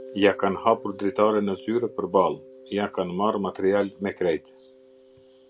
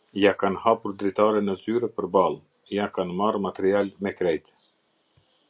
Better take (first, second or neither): second